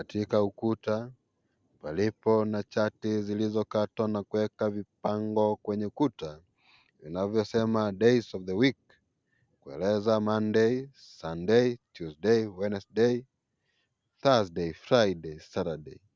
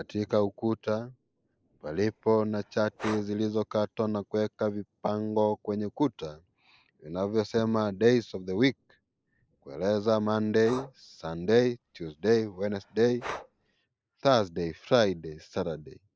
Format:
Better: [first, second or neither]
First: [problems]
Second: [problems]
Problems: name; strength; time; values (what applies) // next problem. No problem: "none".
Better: first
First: none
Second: noise reduction (neural mask model Resemble Enhance denoiser)